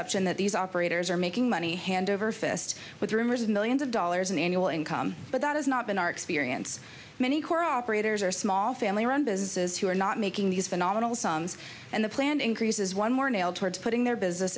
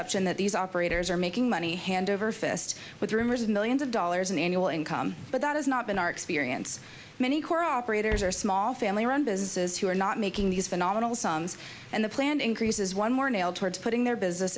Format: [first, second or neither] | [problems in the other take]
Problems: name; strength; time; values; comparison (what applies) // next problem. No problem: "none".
first | background sound (Walk, footsteps); 20 dB below the speech